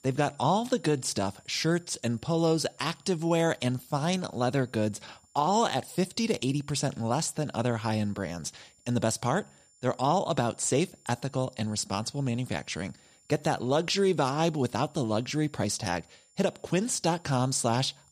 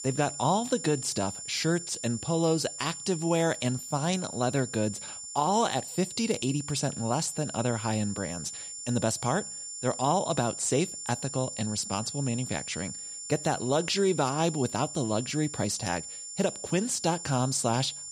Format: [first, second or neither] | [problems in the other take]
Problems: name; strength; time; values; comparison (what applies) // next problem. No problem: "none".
first | high-pitched whine; loud; throughout; 7 kHz, 8 dB below the speech; faint in the first